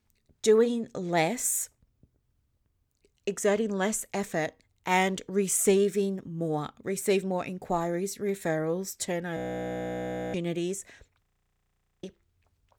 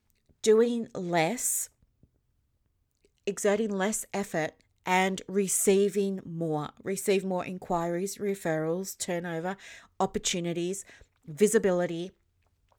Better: second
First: audio freezing; at 9.5 s for 1 s and at 11 s for 1 s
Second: none

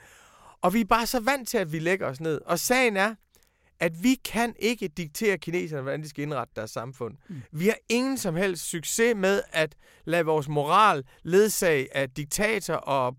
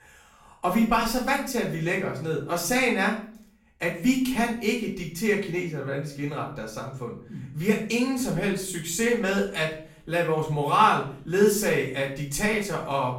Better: first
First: none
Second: off-mic speech; far // room echo; slight; dies away in 0.5 s

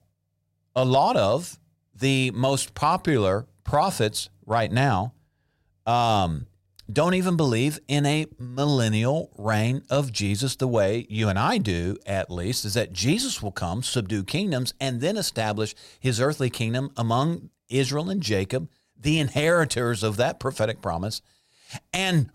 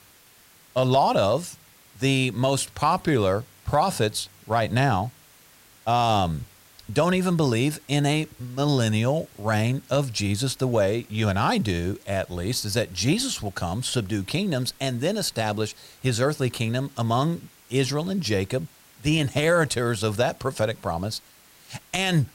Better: first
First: none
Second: hiss; faint; throughout; 25 dB below the speech

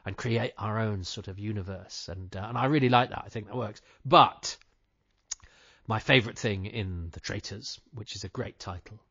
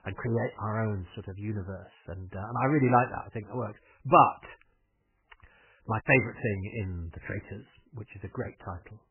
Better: first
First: garbled, watery; slightly; nothing above 7 kHz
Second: garbled, watery; badly; nothing above 3 kHz

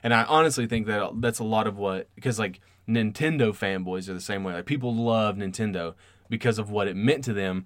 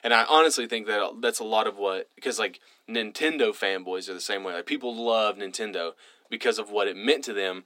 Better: first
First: none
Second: thin; somewhat; fading below 300 Hz

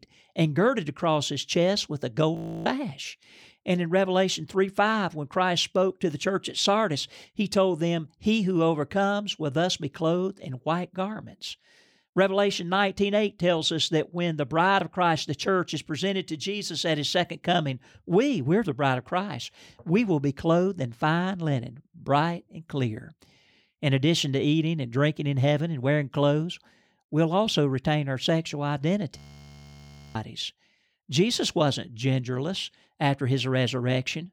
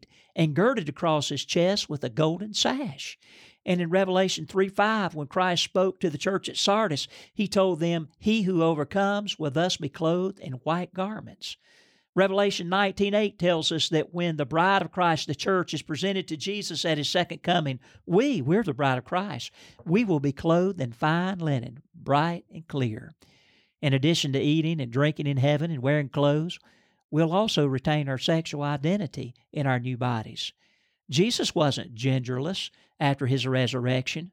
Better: second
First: audio freezing; at 2.5 s and at 29 s for 1 s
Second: none

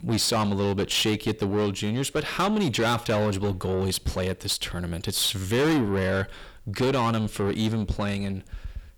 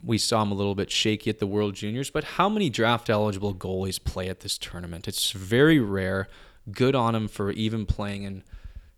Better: second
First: distortion; heavy; 7 dB below the speech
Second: none

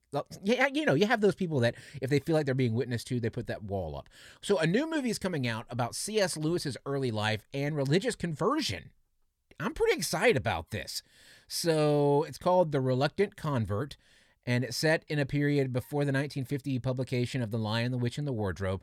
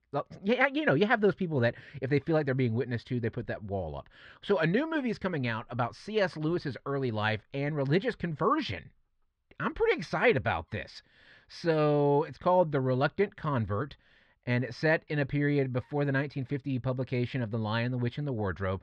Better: first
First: none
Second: muffled; slightly; fading above 3.5 kHz

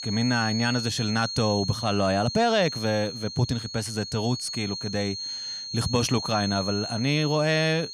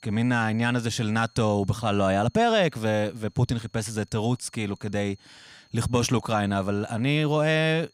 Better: second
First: high-pitched whine; loud; throughout; 4.5 kHz, 6 dB below the speech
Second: high-pitched whine; faint; throughout; 4.5 kHz, 35 dB below the speech

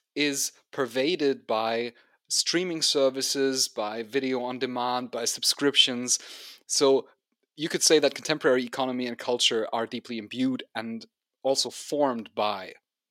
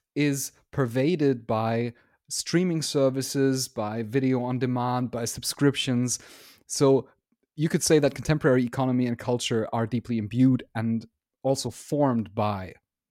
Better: second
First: thin; somewhat; fading below 400 Hz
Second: none

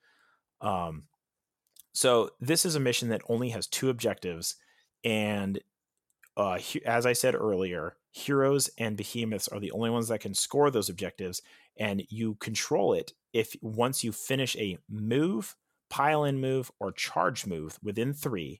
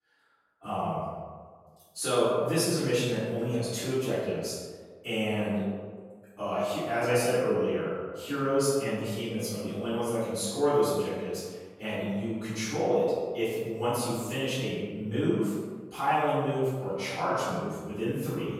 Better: first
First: none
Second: room echo; strong; dies away in 1.4 s // off-mic speech; far

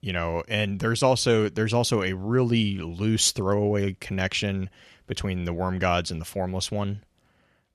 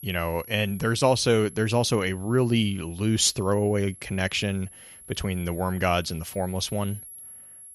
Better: first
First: none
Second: high-pitched whine; noticeable; throughout; 11 kHz, 20 dB below the speech

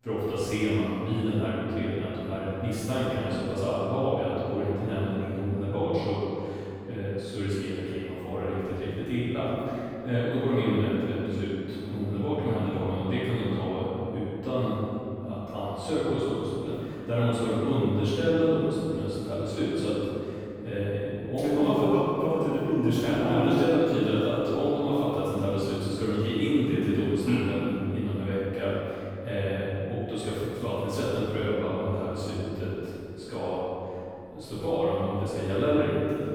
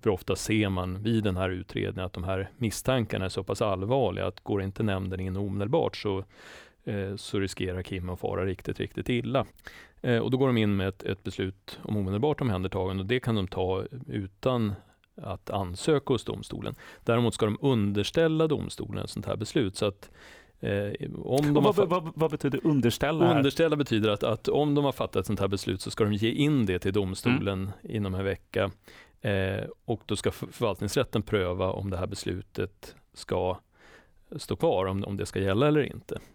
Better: second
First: off-mic speech; far // room echo; strong; dies away in 2.6 s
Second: none

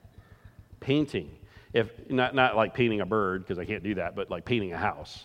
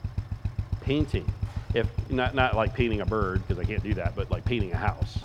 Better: first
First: traffic noise; faint; throughout; 25 dB below the speech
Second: traffic noise; loud; throughout; 3 dB below the speech

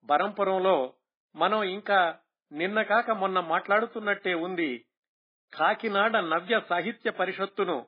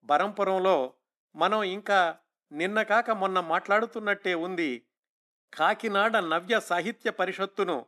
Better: second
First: garbled, watery; badly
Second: none

